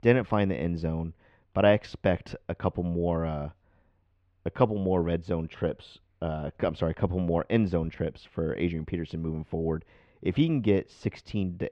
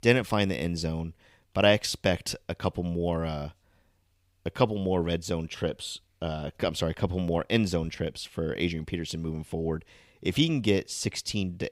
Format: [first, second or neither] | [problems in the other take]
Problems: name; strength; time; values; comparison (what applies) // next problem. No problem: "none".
second | muffled; very; fading above 1.5 kHz